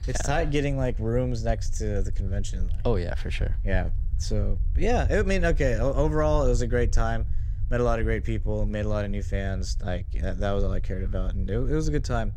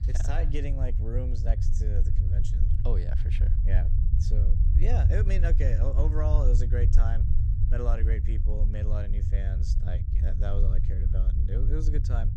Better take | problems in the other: first | low rumble; loud; throughout; 5 dB below the speech; faint in the first

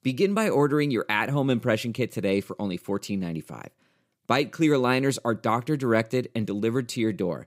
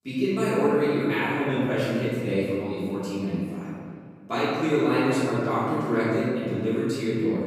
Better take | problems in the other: first | room echo; strong; dies away in 1.9 s // off-mic speech; far

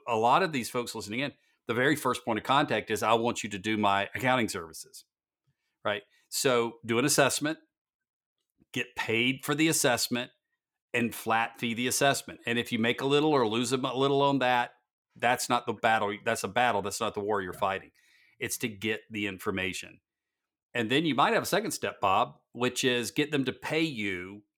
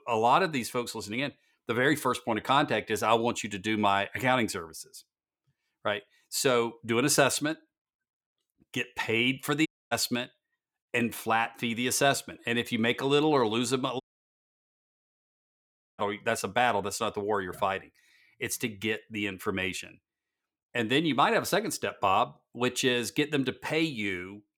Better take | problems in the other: first | audio cutting out; at 9.5 s and at 14 s for 2 s

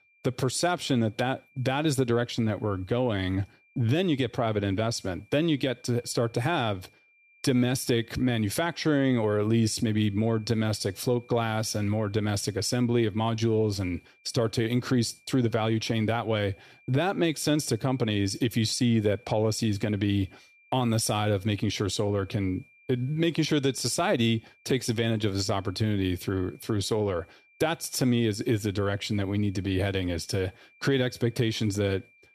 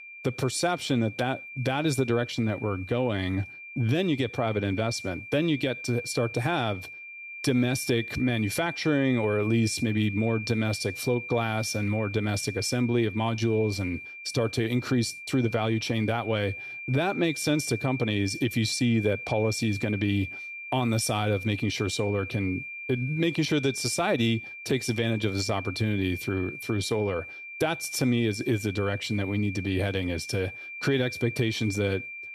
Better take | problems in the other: first | high-pitched whine; loud; throughout; 2.5 kHz, 10 dB below the speech; faint in the first

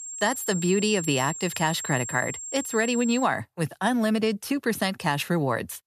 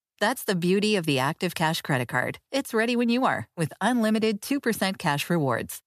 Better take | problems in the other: second | high-pitched whine; loud; until 3 s; 7.5 kHz, 7 dB below the speech

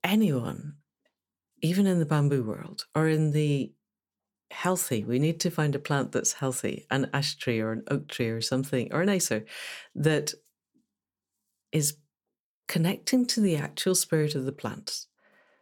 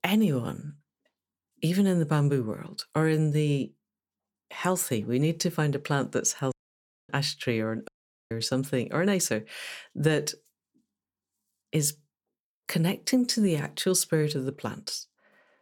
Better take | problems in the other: first | audio cutting out; at 6.5 s for 0.5 s and at 8 s

